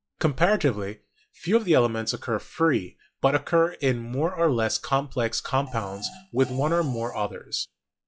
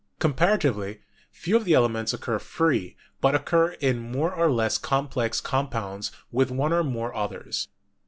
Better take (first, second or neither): second